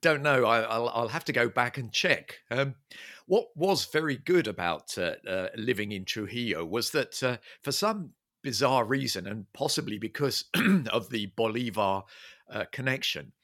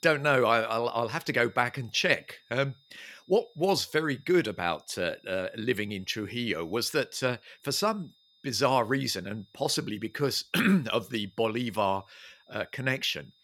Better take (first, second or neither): first